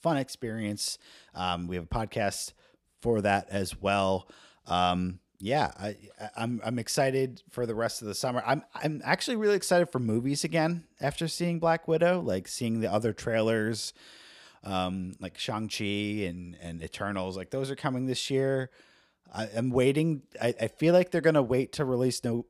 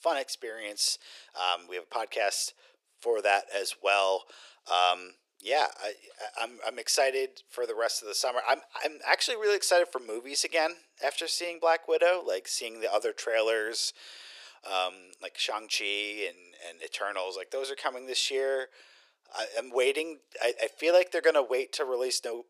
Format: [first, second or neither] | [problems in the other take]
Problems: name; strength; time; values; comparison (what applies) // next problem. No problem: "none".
first | thin; very; fading below 400 Hz